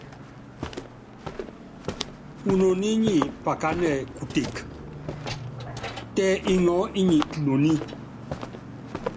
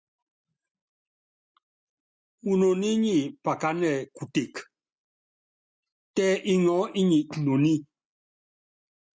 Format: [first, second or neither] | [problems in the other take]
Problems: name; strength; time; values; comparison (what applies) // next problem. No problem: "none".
second | background sound (Walk, footsteps); 9 dB below the speech